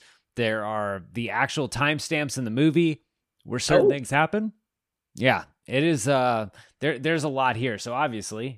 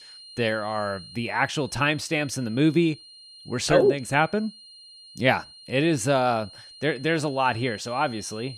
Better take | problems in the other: first | high-pitched whine; noticeable; throughout; 4 kHz, 20 dB below the speech

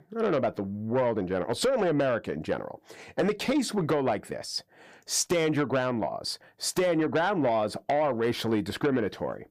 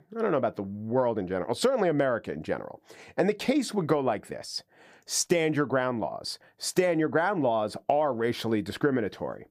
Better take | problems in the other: second | distortion; slight; 10 dB below the speech

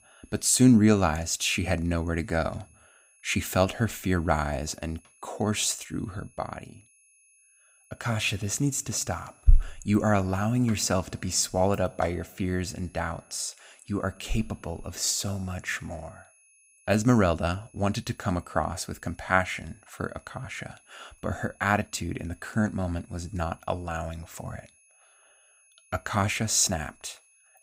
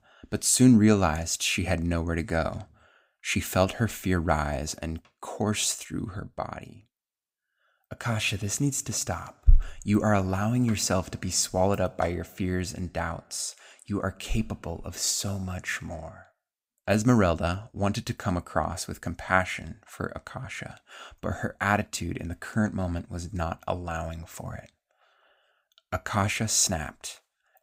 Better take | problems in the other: second | high-pitched whine; faint; throughout; 10.5 kHz, 30 dB below the speech

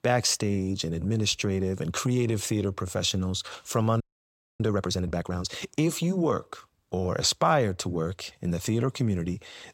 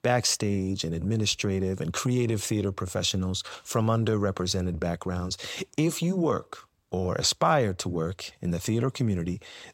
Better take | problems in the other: second | audio freezing; at 4 s for 0.5 s

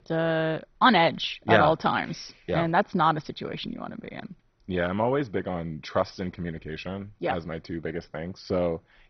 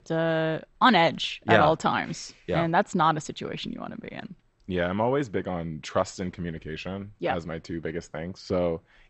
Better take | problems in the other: second | garbled, watery; badly; nothing above 6 kHz; slightly in the second

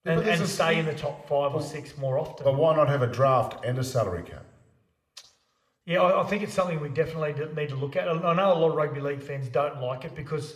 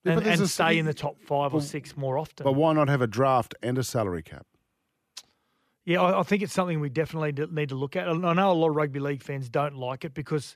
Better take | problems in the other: second | room echo; very slight; dies away in 0.7 s

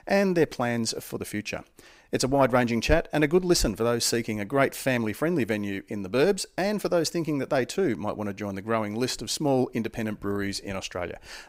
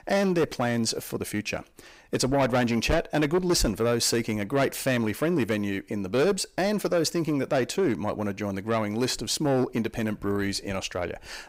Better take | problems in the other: first | distortion; slight; 10 dB below the speech

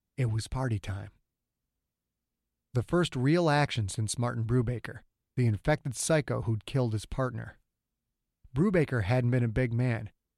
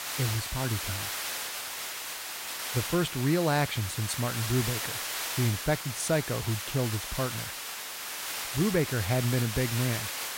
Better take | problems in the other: first | hiss; loud; throughout; 3 dB below the speech

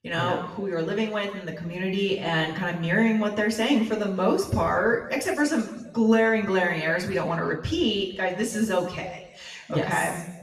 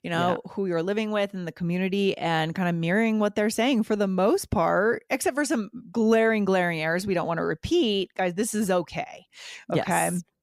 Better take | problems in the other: second | room echo; noticeable; dies away in 1 s // off-mic speech; far

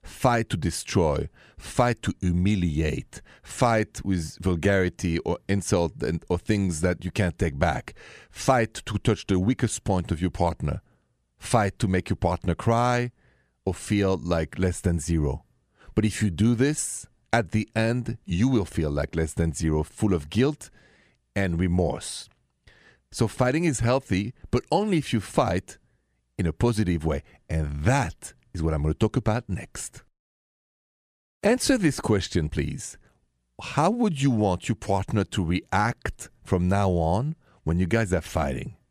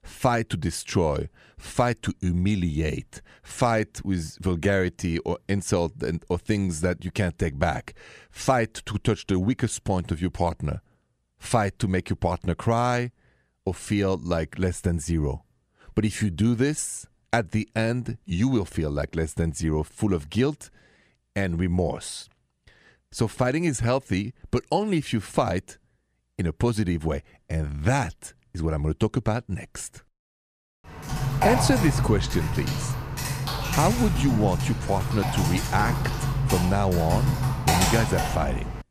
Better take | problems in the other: first | keyboard typing; loud; from 31 s on; peak 4 dB above the speech

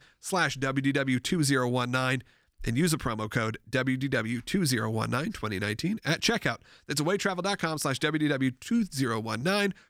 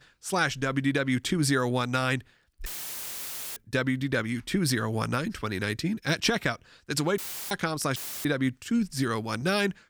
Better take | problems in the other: first | audio cutting out; filled with static; at 2.5 s for 1 s, at 7 s and at 8 s

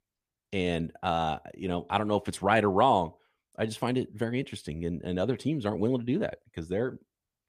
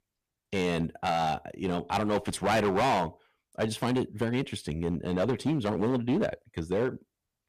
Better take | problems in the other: first | distortion; heavy; 9% of the sound clipped

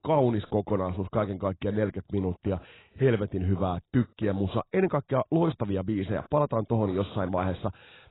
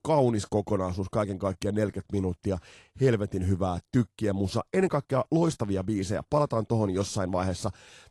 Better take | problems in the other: second | garbled, watery; badly; nothing above 4 kHz; slightly in the second

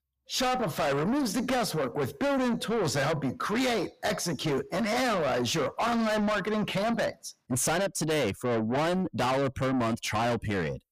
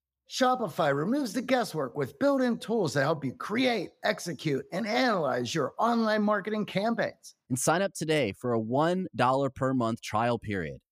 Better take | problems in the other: second | distortion; heavy; 6 dB below the speech

